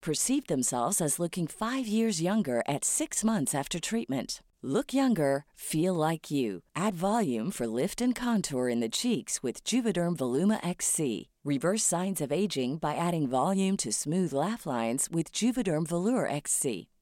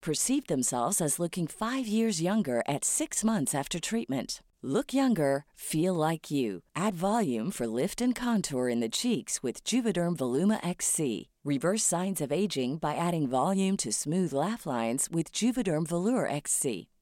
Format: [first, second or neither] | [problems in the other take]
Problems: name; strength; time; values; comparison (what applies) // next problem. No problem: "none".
neither | none